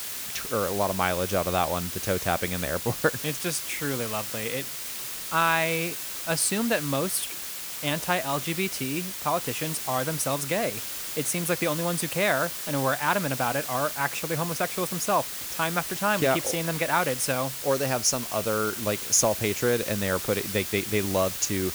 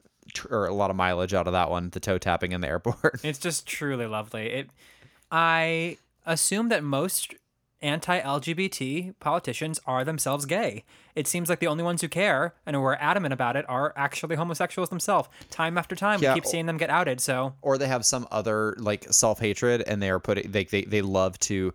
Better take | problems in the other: second | hiss; loud; throughout; 5 dB below the speech

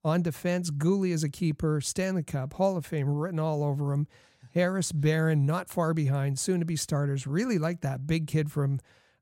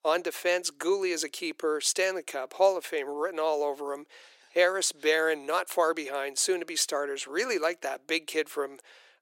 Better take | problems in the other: first | thin; very; fading below 350 Hz

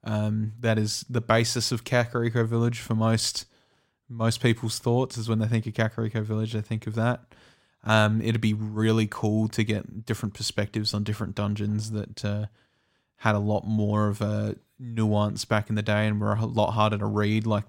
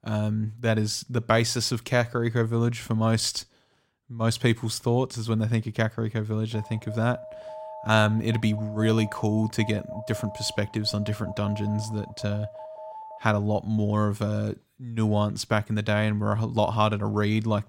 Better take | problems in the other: first | alarm; faint; from 6.5 to 13 s; peak 10 dB below the speech

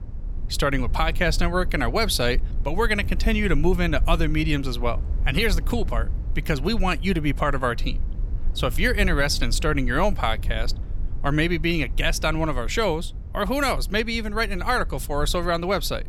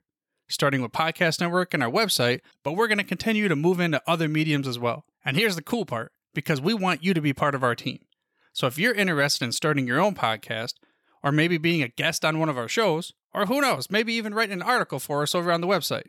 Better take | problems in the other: second | low rumble; faint; throughout; 25 dB below the speech

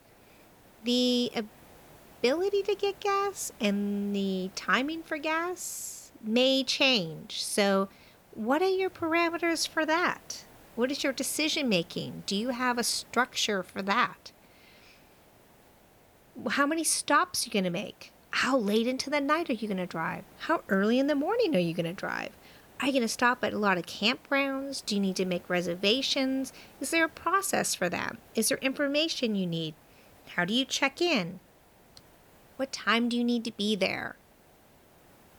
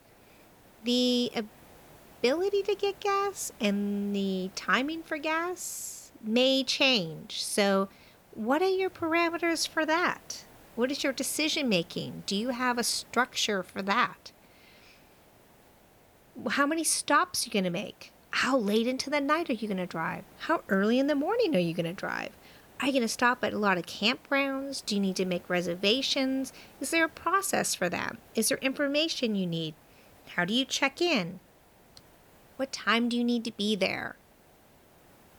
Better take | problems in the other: neither | hiss; faint; throughout; 25 dB below the speech; the same in both

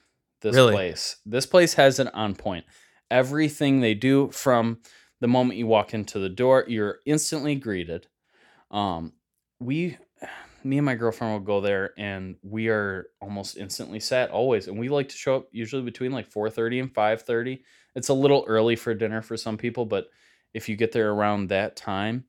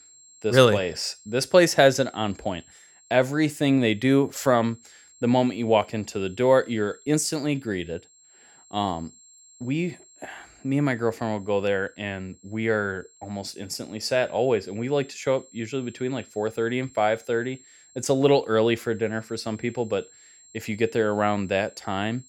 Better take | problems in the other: first | high-pitched whine; faint; throughout; 7.5 kHz, 25 dB below the speech

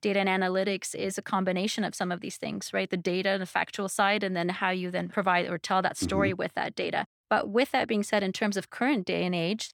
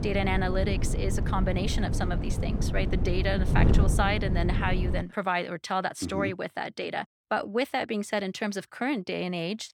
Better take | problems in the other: first | wind noise on the microphone; heavy; until 5 s; 8 dB below the speech

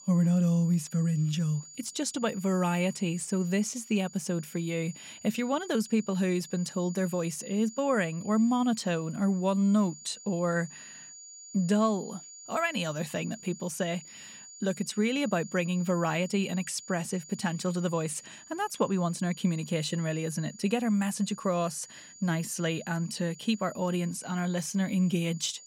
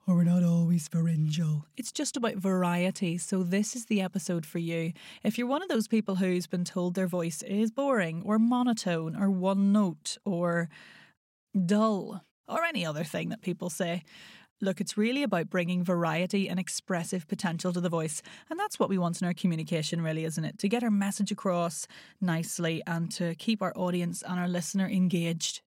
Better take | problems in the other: second | high-pitched whine; noticeable; throughout; 7 kHz, 15 dB below the speech

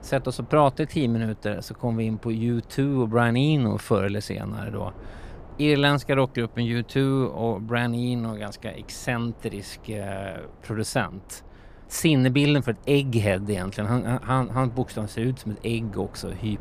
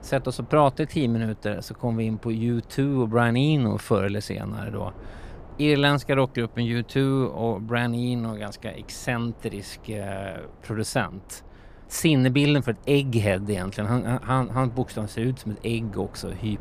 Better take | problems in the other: neither | wind noise on the microphone; occasional gusts; 25 dB below the speech; the same in both

